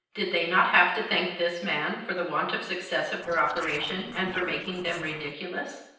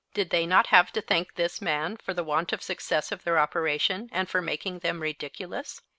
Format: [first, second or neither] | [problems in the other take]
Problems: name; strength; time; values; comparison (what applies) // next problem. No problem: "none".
second | noise reduction (neural separator model SepFormer DNS4)